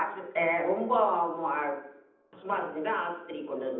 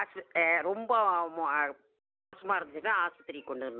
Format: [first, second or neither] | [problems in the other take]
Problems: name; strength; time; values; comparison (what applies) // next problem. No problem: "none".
second | room echo; dies away in 0.8 s